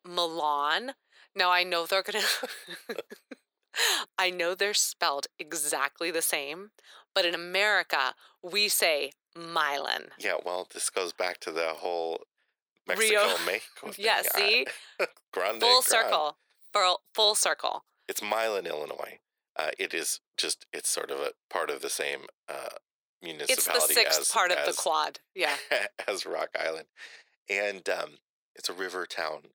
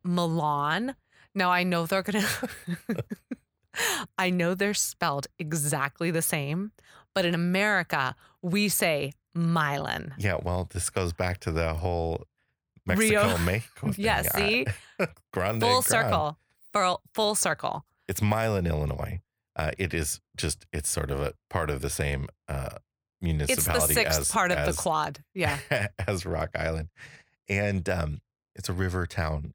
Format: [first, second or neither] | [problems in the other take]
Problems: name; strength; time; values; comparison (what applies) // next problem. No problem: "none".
second | thin; very; fading below 350 Hz